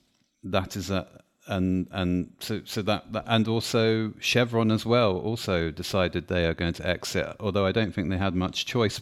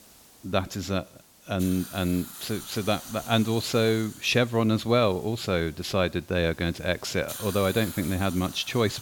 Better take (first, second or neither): first